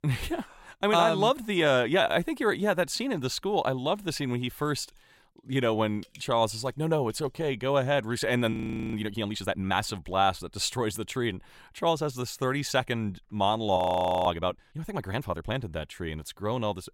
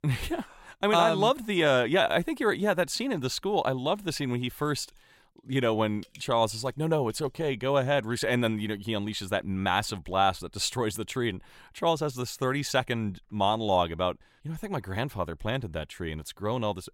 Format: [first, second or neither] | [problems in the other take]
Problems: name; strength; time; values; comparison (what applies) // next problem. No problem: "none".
second | audio freezing; at 8.5 s and at 14 s